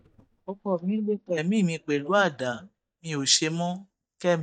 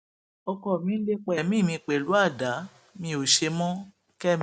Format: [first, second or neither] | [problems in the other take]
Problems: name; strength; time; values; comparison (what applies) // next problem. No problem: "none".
second | noise reduction (neural mask model DeepFilterNet 3)